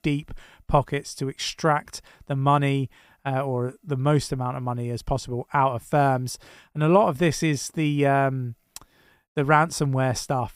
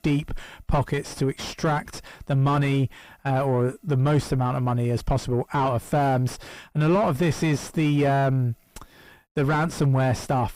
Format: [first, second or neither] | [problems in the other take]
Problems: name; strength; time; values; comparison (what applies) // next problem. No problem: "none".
first | distortion; heavy; 5 dB below the speech